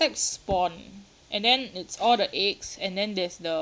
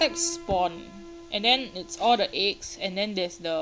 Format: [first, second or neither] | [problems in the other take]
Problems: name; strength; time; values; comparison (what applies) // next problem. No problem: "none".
first | background sound (Piano); 17 dB below the speech